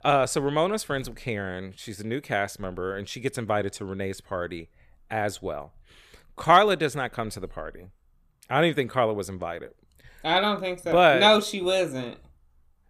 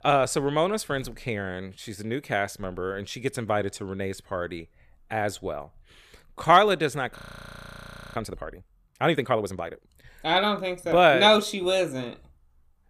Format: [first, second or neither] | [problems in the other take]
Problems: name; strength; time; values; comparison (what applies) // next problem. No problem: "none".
first | audio freezing; at 7 s for 1 s